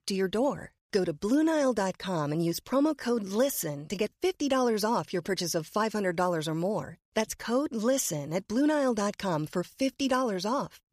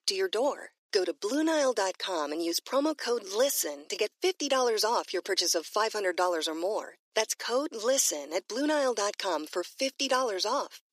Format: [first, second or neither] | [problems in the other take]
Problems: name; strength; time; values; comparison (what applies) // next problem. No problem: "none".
first | thin; somewhat; fading below 300 Hz